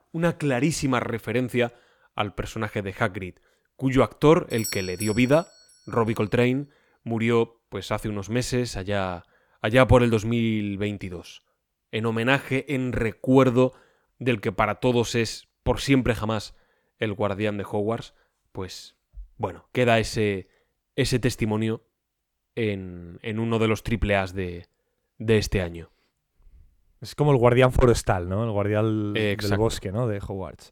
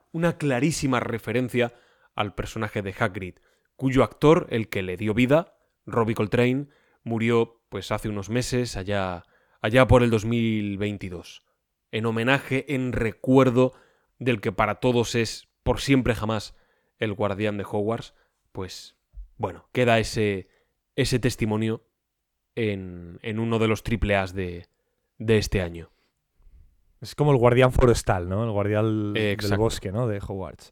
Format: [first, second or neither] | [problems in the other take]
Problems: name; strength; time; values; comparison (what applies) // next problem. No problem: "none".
second | doorbell; noticeable; at 4.5 s; peak 8 dB below the speech